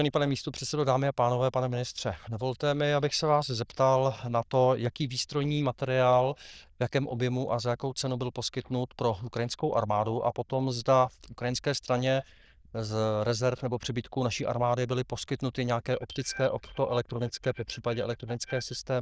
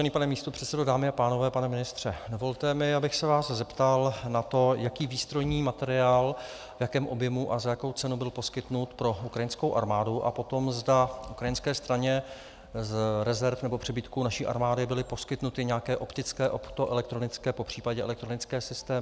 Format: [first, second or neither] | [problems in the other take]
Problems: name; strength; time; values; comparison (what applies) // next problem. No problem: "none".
second | noise reduction (neural diffusion model UNIVERSE++)